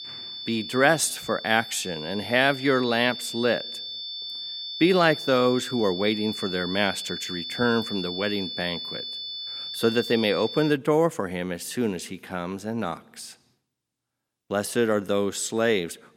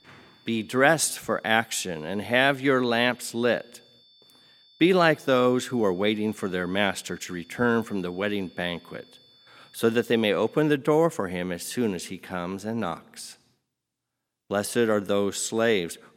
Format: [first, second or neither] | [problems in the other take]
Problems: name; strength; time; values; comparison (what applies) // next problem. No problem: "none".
second | high-pitched whine; loud; until 11 s; 3.5 kHz, 8 dB below the speech; faint in the second